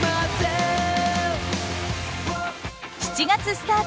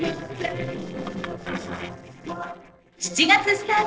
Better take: first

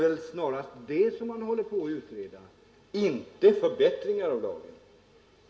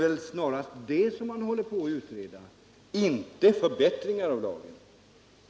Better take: second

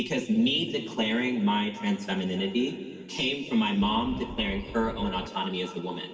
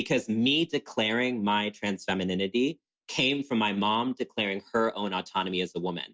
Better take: second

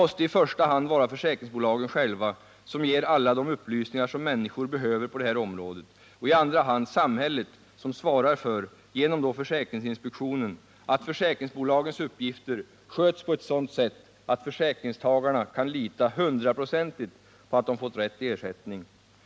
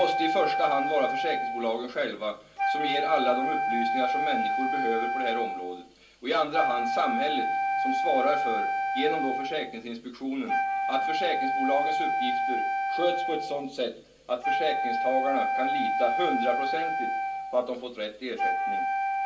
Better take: first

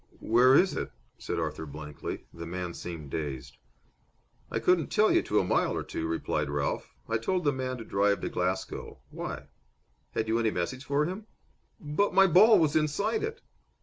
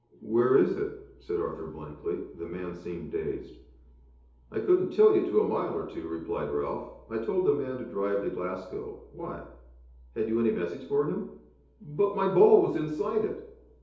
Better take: first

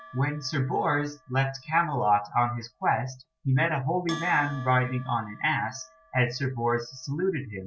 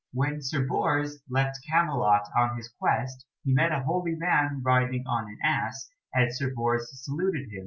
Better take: second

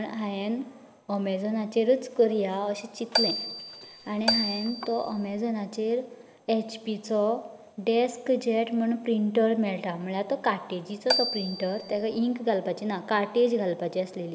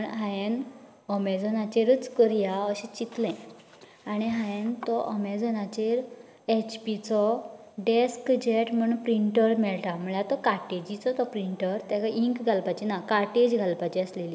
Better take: second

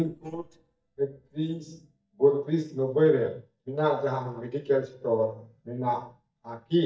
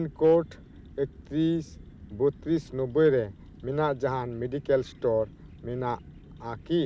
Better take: second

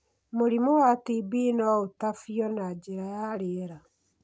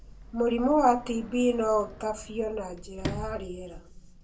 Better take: first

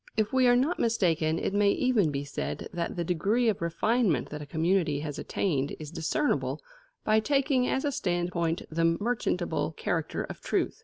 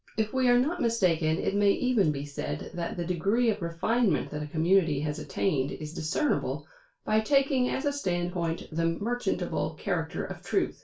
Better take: first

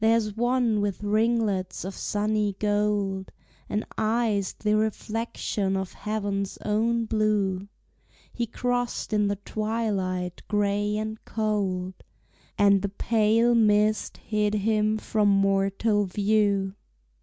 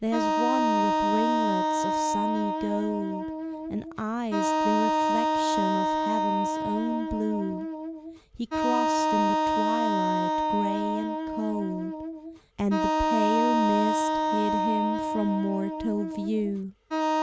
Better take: first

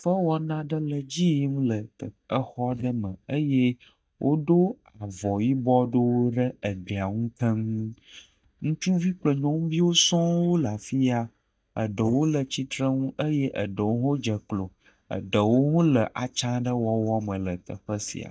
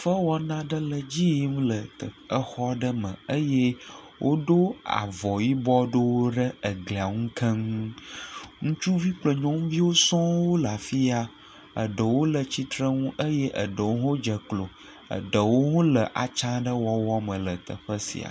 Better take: second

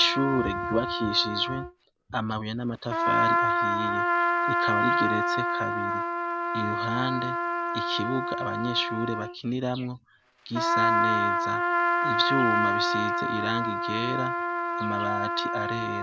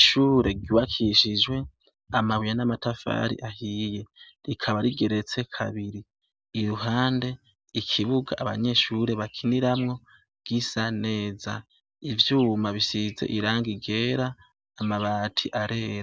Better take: second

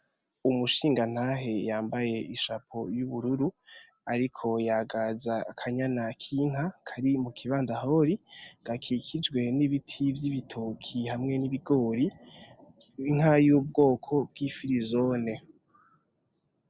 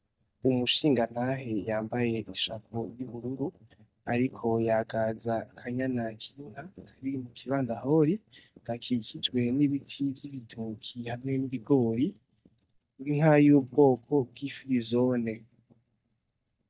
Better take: first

